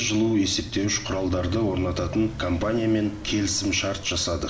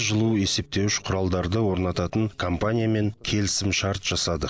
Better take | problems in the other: second | background sound (Motorcycle); 15 dB below the speech // room echo; dies away in 1.1 s

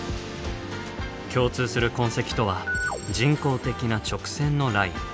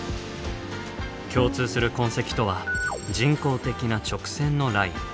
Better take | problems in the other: first | background sound (Bowed string instrument); 10 dB below the speech

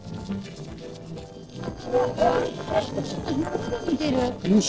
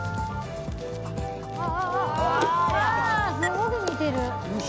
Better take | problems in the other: second | noise reduction (neural separator model SepFormer DNS4)

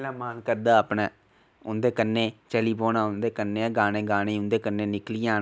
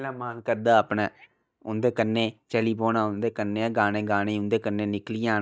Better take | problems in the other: first | noise reduction (neural mask model DeepFilterNet 3)

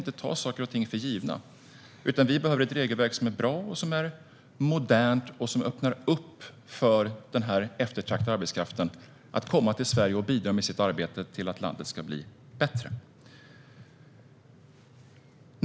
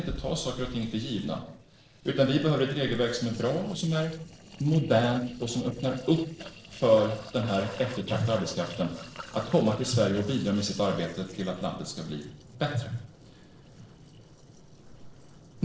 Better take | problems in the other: first | noise reduction (neural separator model SepFormer DNS4)

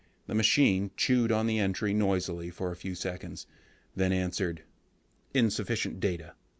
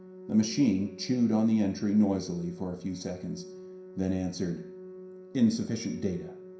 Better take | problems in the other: first | background sound (Organ); 17 dB below the speech // room echo; dies away in 0.5 s

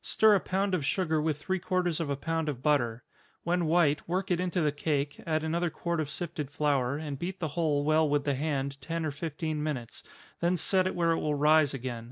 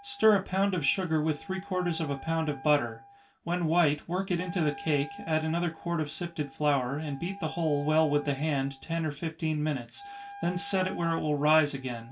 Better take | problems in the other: first | background sound (Wind instrument, woodwind instrument); 18 dB below the speech // room echo; dies away in 0.2 s

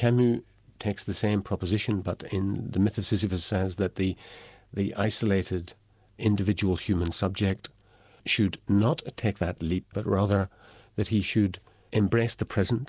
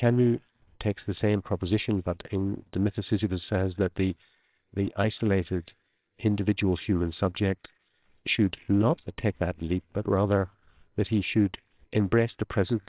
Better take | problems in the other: first | noise reduction (neural separator model SepFormer WHAMR!)

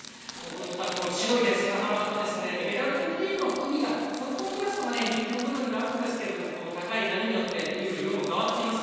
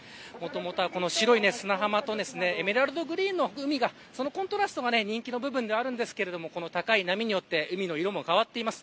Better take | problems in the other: second | background sound (Crushing); 16 dB below the speech // room echo; dies away in 2.1 s

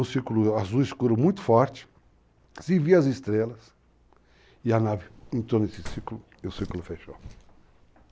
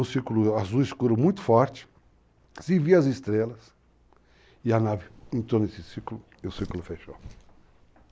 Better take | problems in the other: second | background sound (Slam); 14 dB below the speech

